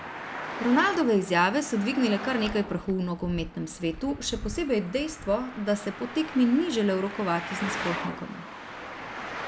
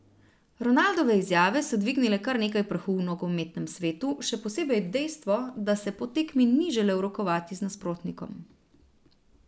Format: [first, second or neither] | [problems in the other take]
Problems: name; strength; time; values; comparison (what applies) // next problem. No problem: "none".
second | background sound (Glass + Traffic noise, roadway noise); 10 dB below the speech